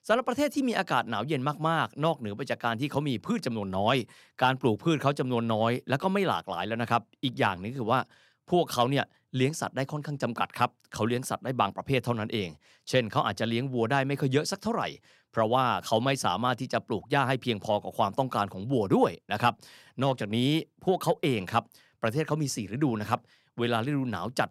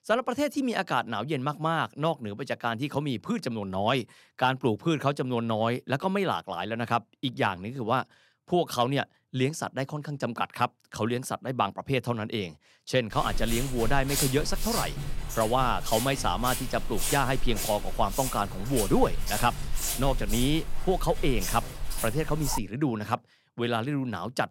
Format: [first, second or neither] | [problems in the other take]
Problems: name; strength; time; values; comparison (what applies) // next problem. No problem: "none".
first | footsteps; loud; from 13 to 23 s; peak 1 dB above the speech